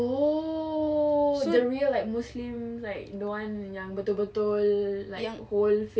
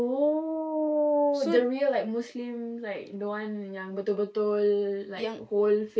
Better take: first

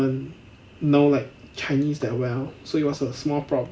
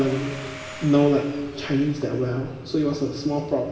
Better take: first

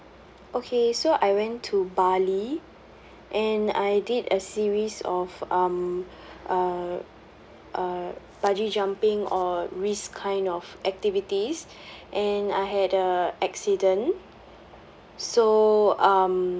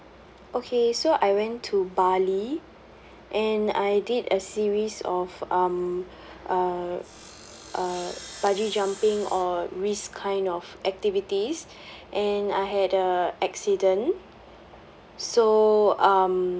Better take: first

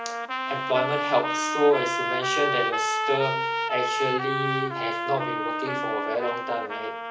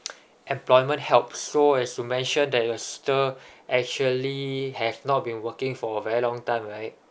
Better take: second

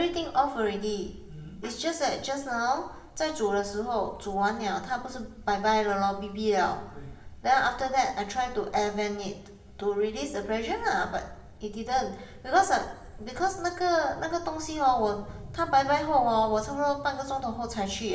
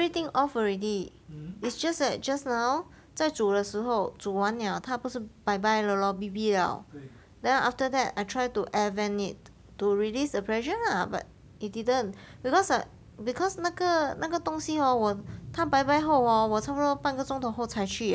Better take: second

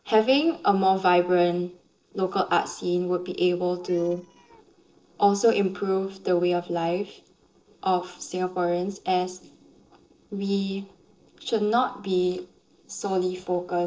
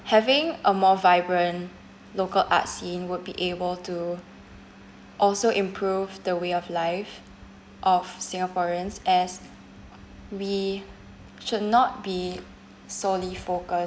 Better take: second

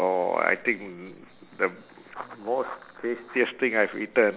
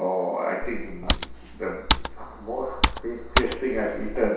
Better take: first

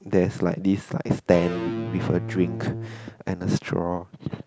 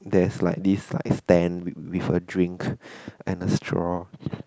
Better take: second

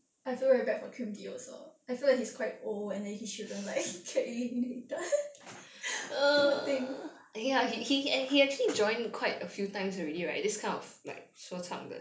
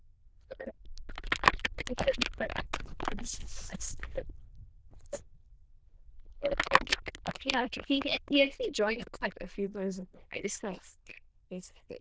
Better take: first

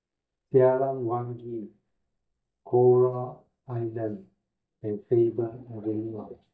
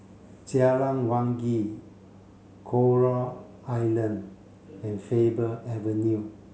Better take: second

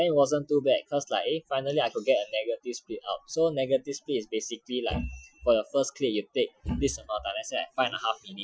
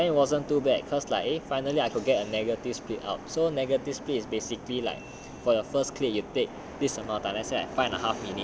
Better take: second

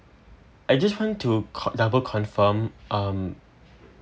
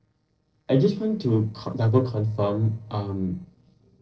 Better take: first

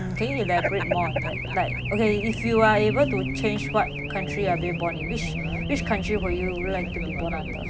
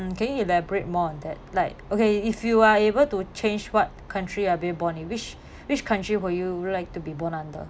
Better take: second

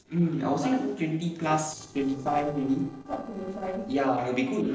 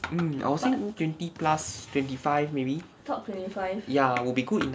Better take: second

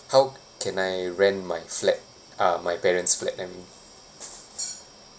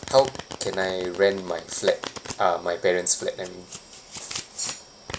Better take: first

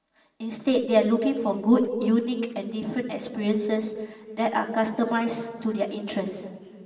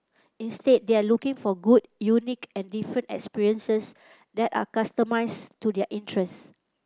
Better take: second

